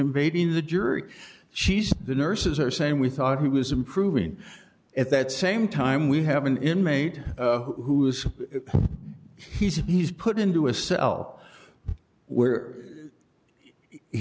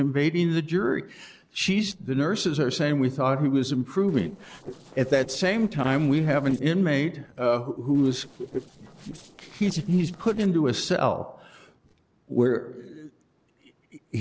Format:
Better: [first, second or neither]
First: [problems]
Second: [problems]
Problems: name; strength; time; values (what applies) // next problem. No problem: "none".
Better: first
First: none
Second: noise reduction (neural separator model SepFormer DNS4)